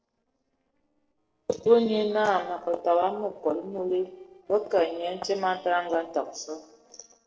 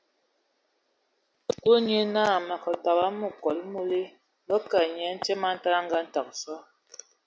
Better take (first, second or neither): second